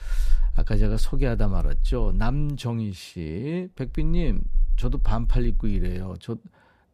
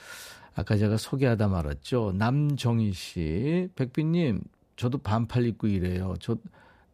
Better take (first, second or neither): second